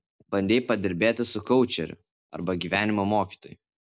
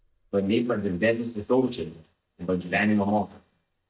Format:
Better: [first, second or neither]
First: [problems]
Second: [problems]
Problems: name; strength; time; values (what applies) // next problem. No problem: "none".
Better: first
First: none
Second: noise reduction (neural mask model DeepFilterNet 3)